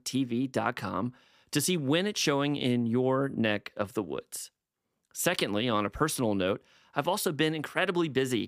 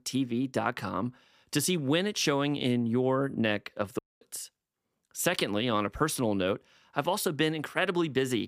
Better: first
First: none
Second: audio cutting out; at 4 s

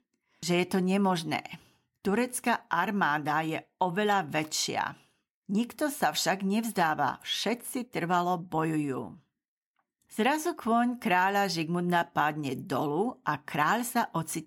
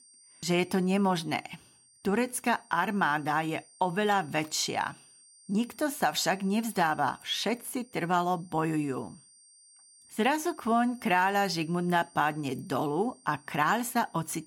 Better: first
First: none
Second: high-pitched whine; faint; throughout; 8.5 kHz, 25 dB below the speech

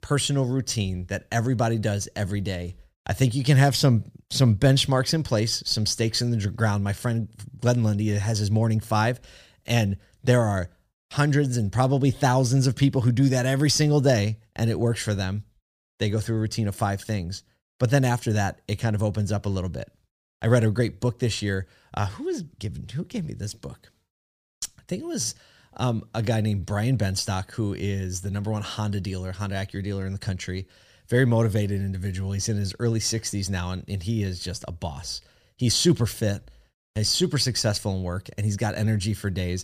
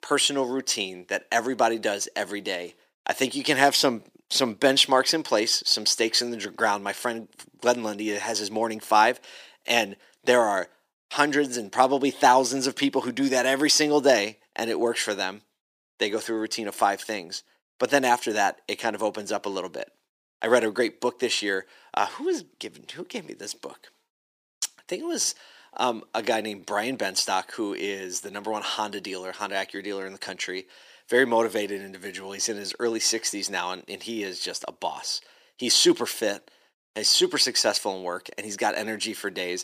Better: first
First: none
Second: thin; very; fading below 300 Hz

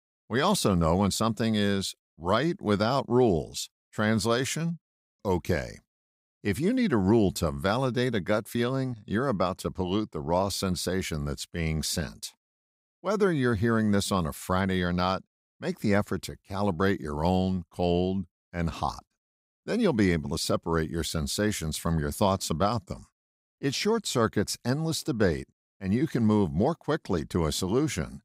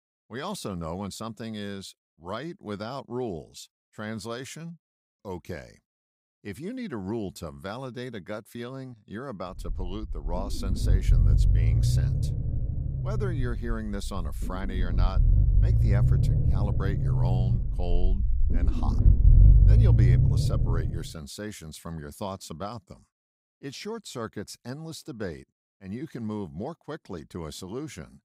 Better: first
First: none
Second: low rumble; loud; from 9.5 to 21 s; 1 dB below the speech

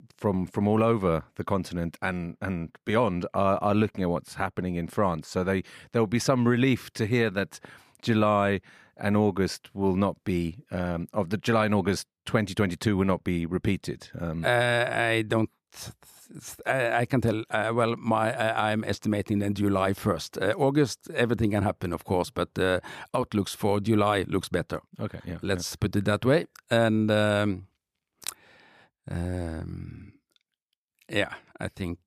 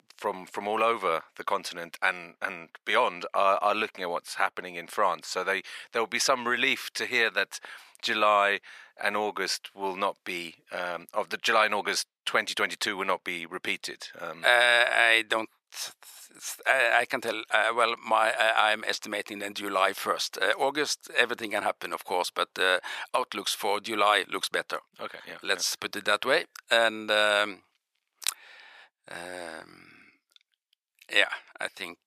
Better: first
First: none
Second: thin; very; fading below 700 Hz

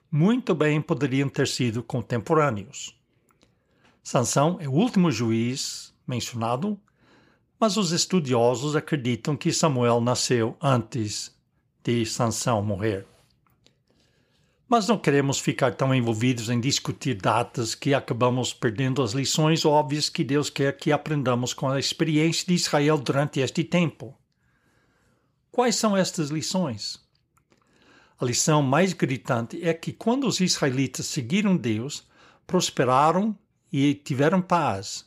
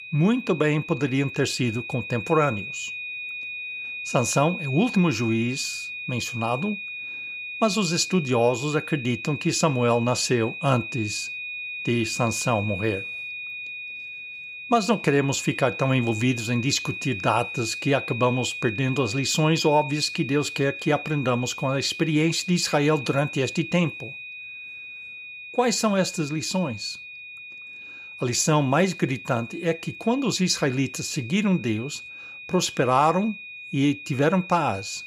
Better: first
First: none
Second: high-pitched whine; loud; throughout; 2.5 kHz, 9 dB below the speech

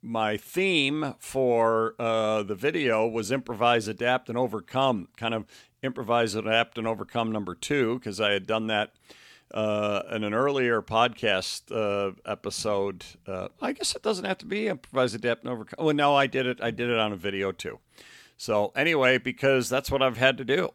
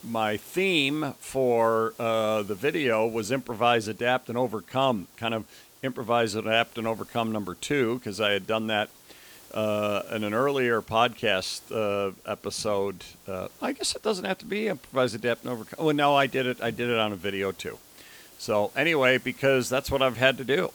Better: first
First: none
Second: hiss; faint; throughout; 25 dB below the speech

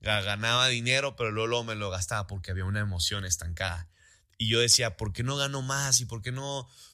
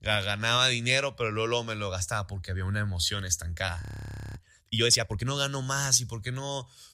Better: first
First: none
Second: audio freezing; at 4 s for 0.5 s

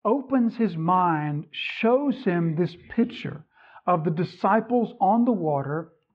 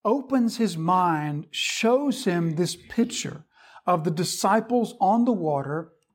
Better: second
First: muffled; very; fading above 3 kHz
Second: none

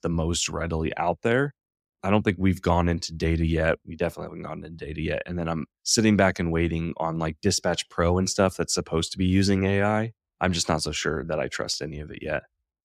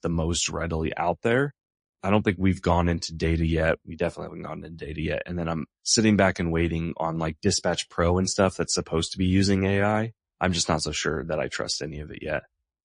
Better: first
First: none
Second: garbled, watery; slightly; nothing above 8.5 kHz

